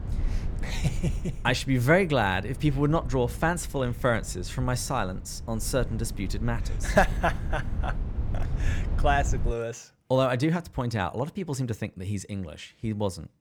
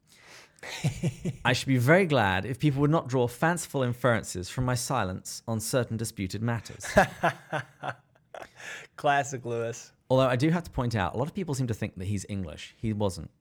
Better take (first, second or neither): second